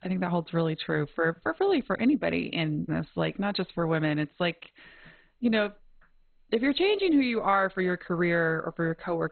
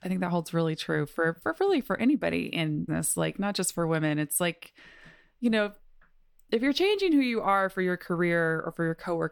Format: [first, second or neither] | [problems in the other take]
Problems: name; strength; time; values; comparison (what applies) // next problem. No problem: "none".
second | garbled, watery; badly; nothing above 4 kHz